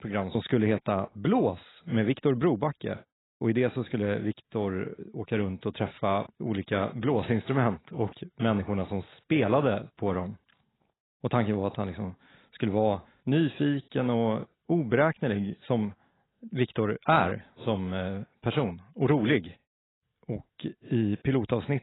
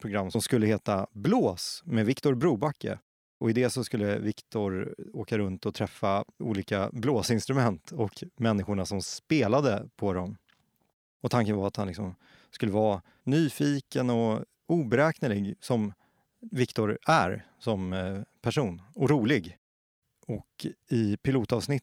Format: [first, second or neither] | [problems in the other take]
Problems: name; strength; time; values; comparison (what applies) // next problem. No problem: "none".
second | garbled, watery; badly; nothing above 4 kHz